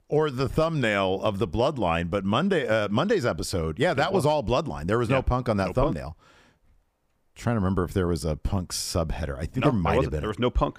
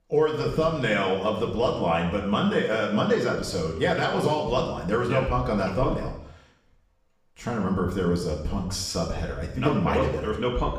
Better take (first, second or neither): first